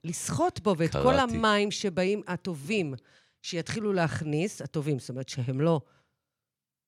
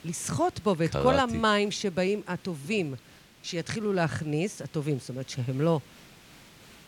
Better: first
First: none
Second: hiss; faint; throughout; 25 dB below the speech

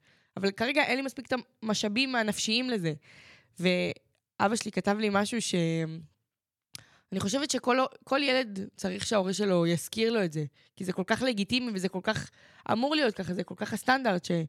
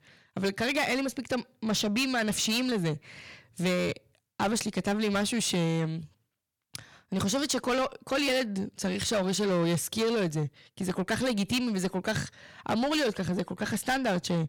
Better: first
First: none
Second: distortion; heavy; 7 dB below the speech

